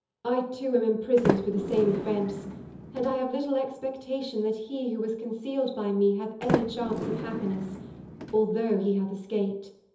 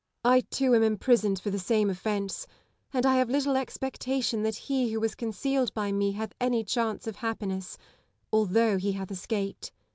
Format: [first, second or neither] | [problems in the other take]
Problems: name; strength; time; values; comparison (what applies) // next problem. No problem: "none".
second | background sound (Sliding door); 5 dB below the speech // room echo; dies away in 0.7 s